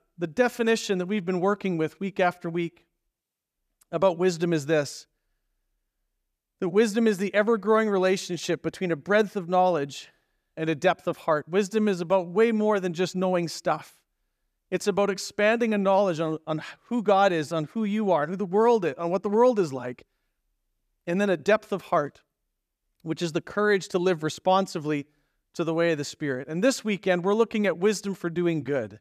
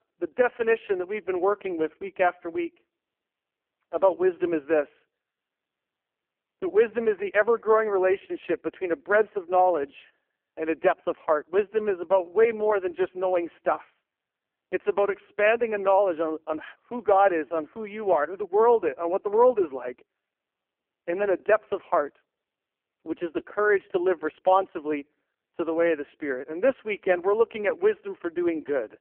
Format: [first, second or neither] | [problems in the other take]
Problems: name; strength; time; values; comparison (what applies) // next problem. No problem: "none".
first | phone-call audio; poor line